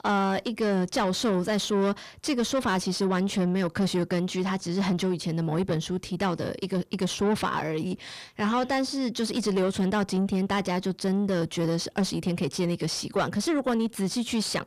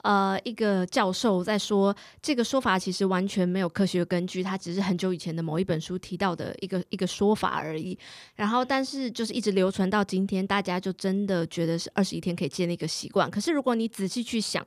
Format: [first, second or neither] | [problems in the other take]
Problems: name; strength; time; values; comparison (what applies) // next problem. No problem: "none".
second | distortion; slight; 10 dB below the speech